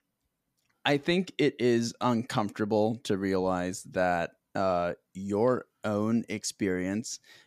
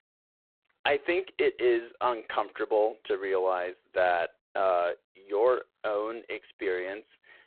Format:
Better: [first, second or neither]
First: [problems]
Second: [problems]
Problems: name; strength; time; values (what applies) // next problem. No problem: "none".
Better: first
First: none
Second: phone-call audio; poor line; nothing above 3.5 kHz